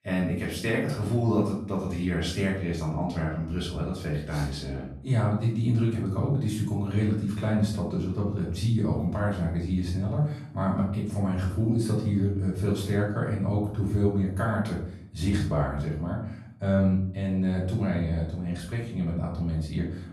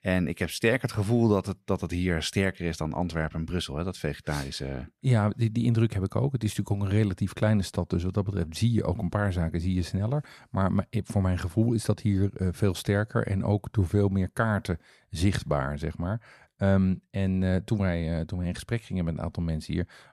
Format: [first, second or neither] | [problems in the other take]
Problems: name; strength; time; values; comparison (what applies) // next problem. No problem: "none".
second | off-mic speech; far // room echo; noticeable; dies away in 0.5 s